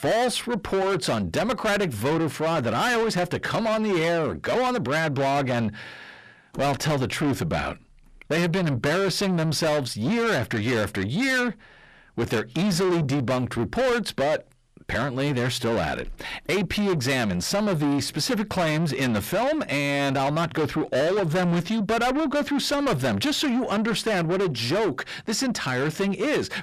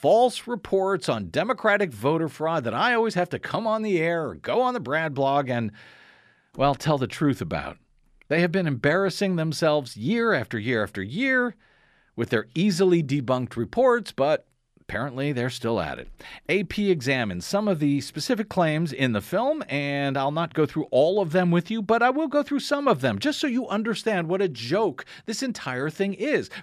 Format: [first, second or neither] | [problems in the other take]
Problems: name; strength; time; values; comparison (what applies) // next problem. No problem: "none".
second | distortion; heavy; 6 dB below the speech